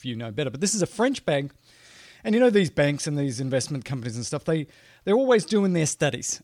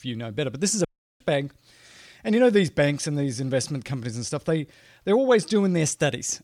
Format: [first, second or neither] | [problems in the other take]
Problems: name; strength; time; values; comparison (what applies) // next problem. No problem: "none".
first | audio cutting out; at 1 s